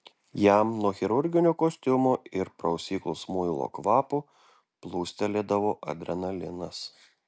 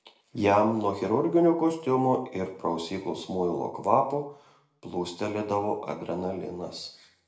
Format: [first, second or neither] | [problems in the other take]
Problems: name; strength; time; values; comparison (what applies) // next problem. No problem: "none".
first | room echo; dies away in 0.5 s